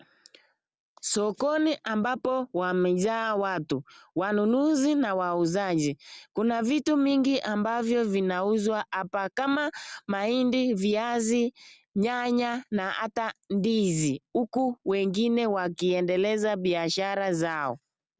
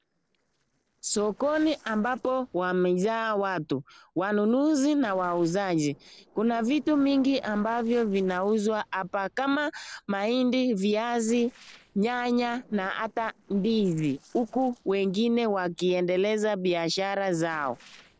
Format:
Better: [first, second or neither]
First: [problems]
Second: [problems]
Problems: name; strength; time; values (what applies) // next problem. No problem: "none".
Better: first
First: none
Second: noise reduction (neural separator model SepFormer DNS4)